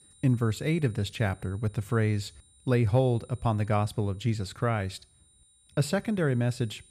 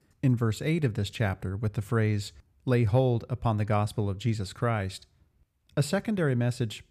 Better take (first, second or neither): second